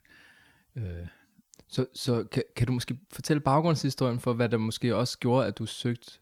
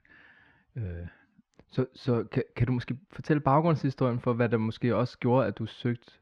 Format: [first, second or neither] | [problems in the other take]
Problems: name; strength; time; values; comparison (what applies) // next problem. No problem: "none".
first | muffled; slightly; fading above 2 kHz